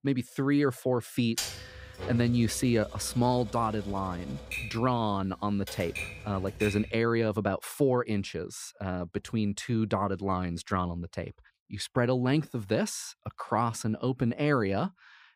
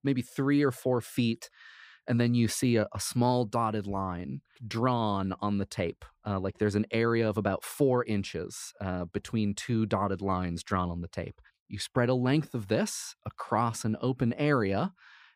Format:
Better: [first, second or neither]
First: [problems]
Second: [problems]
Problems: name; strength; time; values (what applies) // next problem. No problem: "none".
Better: second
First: keyboard typing; noticeable; from 1.5 to 7 s; peak 4 dB below the speech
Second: none